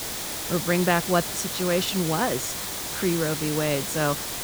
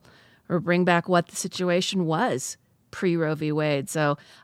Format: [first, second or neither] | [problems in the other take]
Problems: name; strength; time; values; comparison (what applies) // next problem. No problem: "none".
second | hiss; loud; throughout; 3 dB below the speech